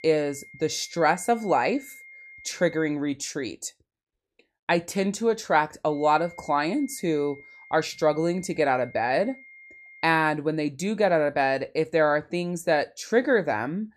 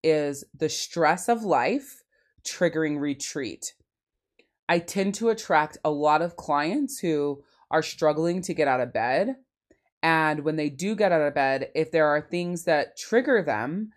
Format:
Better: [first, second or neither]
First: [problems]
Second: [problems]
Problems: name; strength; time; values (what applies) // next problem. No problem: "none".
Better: second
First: high-pitched whine; faint; until 3 s and from 6 to 10 s; 2 kHz, 20 dB below the speech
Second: none